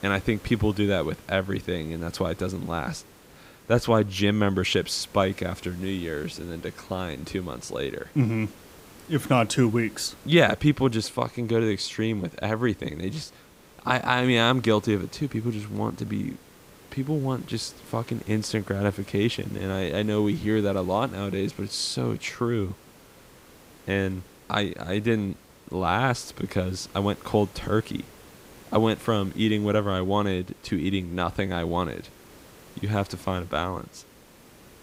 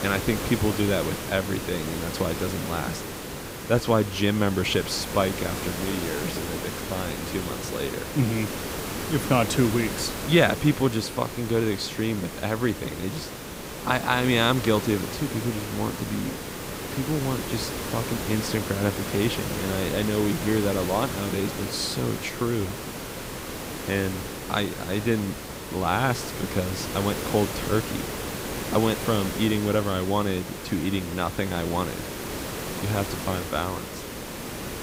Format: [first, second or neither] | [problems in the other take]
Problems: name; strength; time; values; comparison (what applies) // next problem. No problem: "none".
first | hiss; loud; throughout; 6 dB below the speech; faint in the first